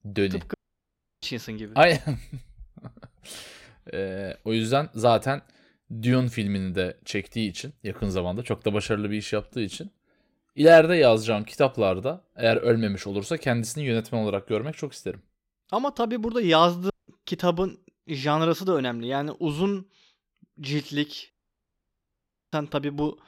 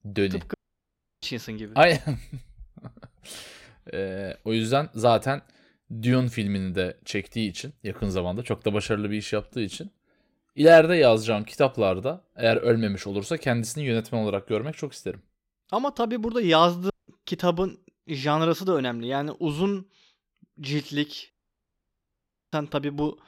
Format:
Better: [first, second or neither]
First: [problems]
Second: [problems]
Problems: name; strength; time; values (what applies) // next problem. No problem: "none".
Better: neither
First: audio cutting out; at 0.5 s for 0.5 s, at 17 s and at 21 s for 1 s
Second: audio cutting out; at 0.5 s for 0.5 s, at 17 s and at 21 s for 1 s